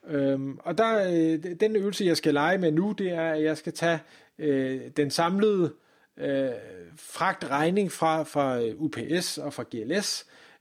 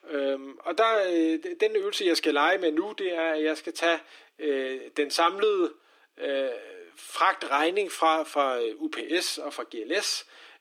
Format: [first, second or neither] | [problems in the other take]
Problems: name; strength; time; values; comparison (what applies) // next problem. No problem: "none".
first | thin; somewhat; fading below 300 Hz